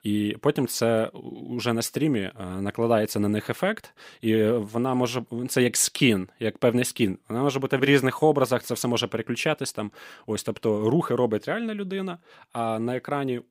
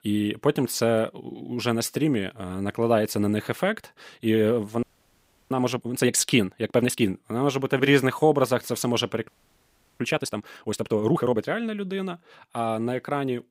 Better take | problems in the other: first | audio freezing; at 5 s for 0.5 s and at 9.5 s for 0.5 s

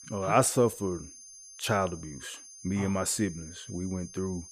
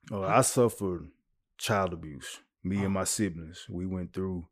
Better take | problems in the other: second | high-pitched whine; noticeable; throughout; 6.5 kHz, 15 dB below the speech

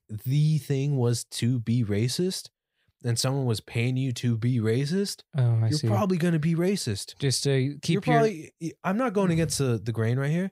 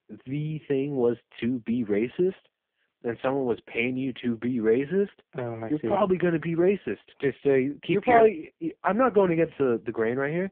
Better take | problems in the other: first | phone-call audio; poor line

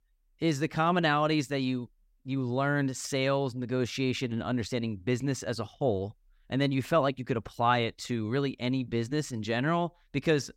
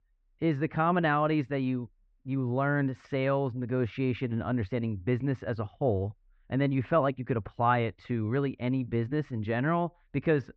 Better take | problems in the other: first | muffled; very; fading above 2 kHz

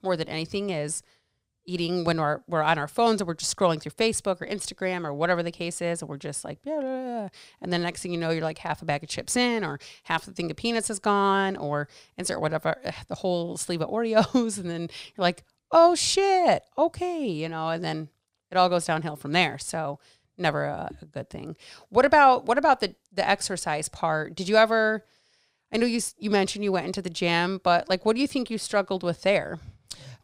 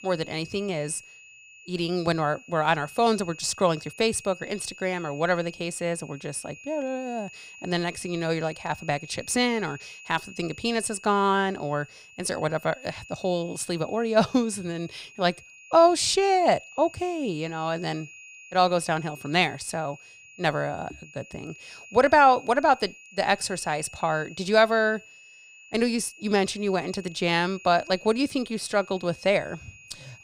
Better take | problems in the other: first | high-pitched whine; noticeable; throughout; 2.5 kHz, 20 dB below the speech

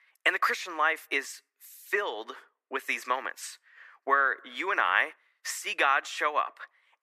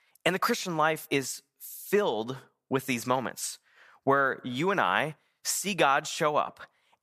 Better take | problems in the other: second | thin; very; fading below 300 Hz

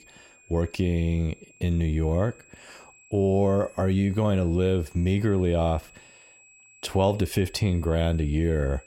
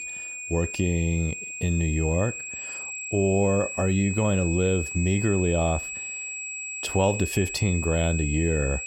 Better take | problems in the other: first | high-pitched whine; loud; throughout; 2.5 kHz, 6 dB below the speech; faint in the first

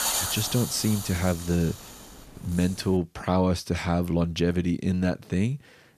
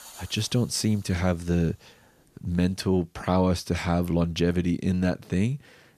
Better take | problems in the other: second | hiss; loud; until 3 s; 6 dB below the speech; faint in the second

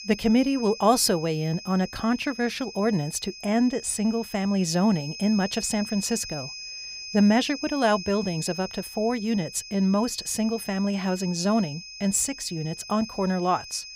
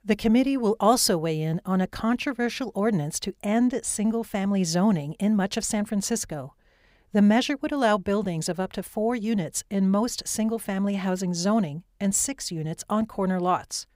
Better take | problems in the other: second | high-pitched whine; noticeable; throughout; 5 kHz, 10 dB below the speech

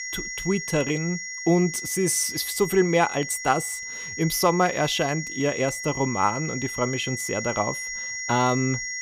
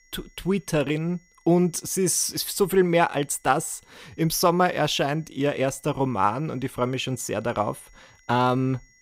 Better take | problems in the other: second | high-pitched whine; loud; throughout; 2 kHz, 6 dB below the speech; faint in the second

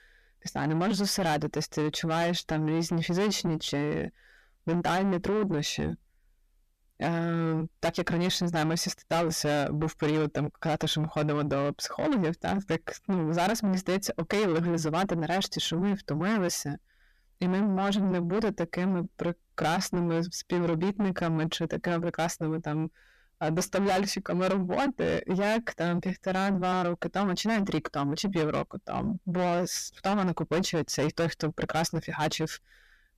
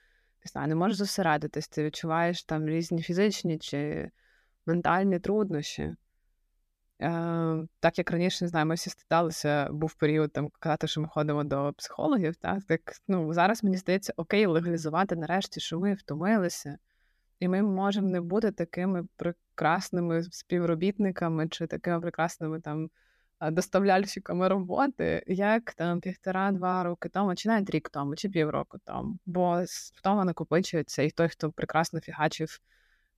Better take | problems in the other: second | distortion; heavy; 6 dB below the speech

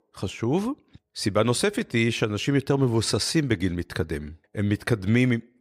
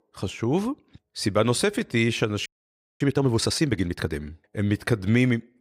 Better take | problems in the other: first | audio freezing; at 2.5 s for 0.5 s

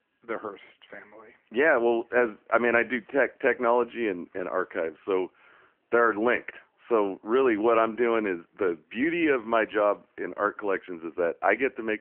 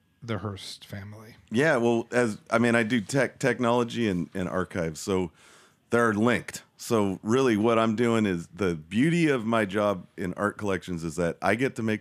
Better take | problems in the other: second | phone-call audio

